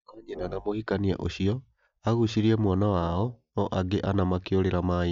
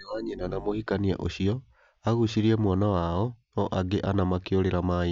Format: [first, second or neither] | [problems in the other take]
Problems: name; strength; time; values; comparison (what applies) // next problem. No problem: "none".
second | noise reduction (neural mask model DeepFilterNet 3)